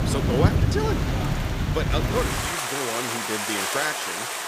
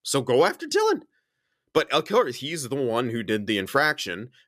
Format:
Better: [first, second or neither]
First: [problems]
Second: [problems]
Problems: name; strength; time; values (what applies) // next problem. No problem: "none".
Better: second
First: rain or running water; very loud; throughout; 5 dB above the speech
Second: none